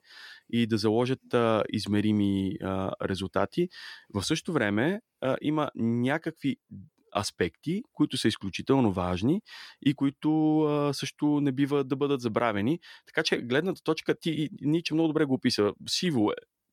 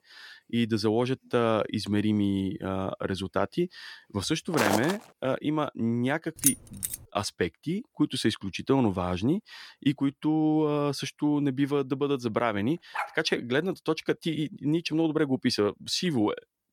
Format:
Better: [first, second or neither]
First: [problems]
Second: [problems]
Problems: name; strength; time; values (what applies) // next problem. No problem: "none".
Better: first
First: none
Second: footsteps; loud; at 4.5 s; peak level with the speech // jangling keys; loud; at 6.5 s; peak 3 dB above the speech // dog barking; noticeable; at 13 s; peak 7 dB below the speech